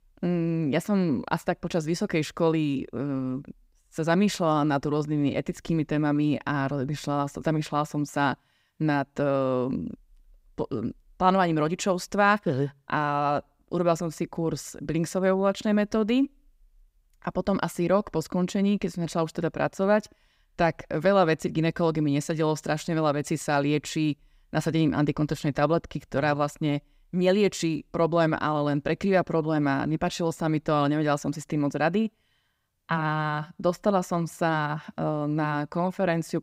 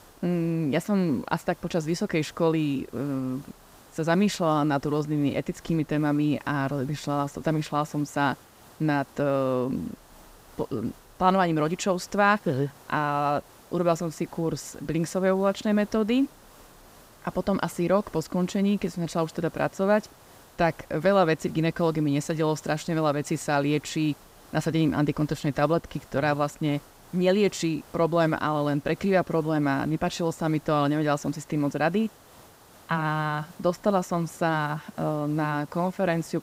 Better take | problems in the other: first | hiss; faint; throughout; 25 dB below the speech

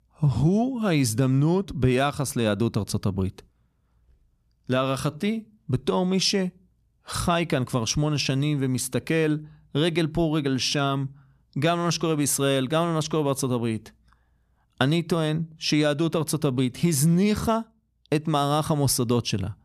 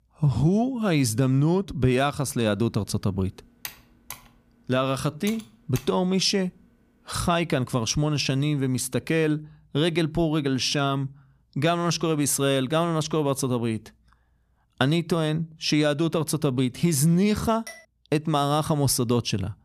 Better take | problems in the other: first | keyboard typing; faint; from 2.5 to 6 s; peak 15 dB below the speech // clattering dishes; faint; at 18 s; peak 20 dB below the speech

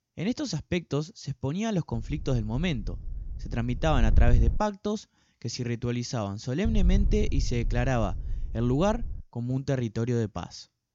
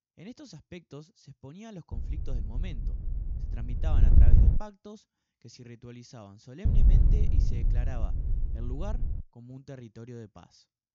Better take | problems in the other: first | wind noise on the microphone; heavy; from 2 to 4.5 s and from 6.5 to 9 s; 2 dB above the speech; occasional gusts in the first

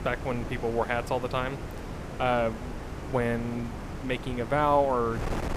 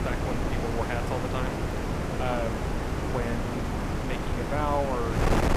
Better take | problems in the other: first | wind noise on the microphone; heavy; as loud as the speech; occasional gusts in the first

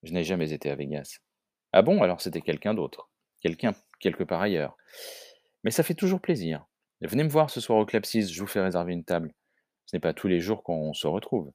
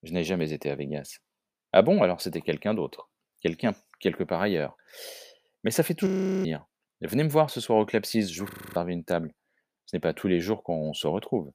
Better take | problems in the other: first | audio freezing; at 6 s and at 8.5 s

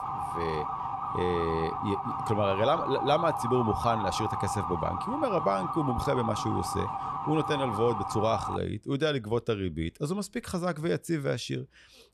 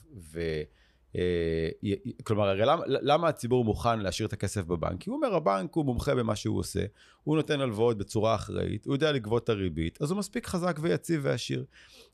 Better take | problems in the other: second | siren; noticeable; until 8.5 s; peak 1 dB below the speech

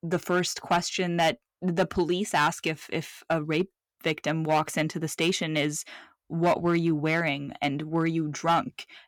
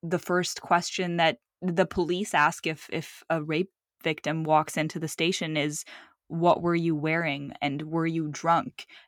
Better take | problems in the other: second | distortion; slight; 3% of the sound clipped

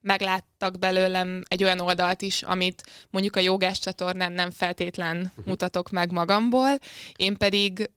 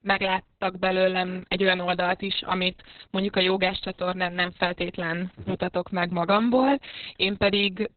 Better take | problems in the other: first | garbled, watery; badly; nothing above 4 kHz; slightly in the first

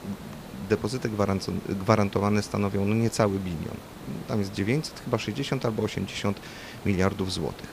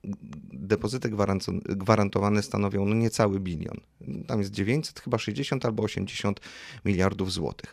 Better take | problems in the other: second | hiss; noticeable; throughout; 15 dB below the speech

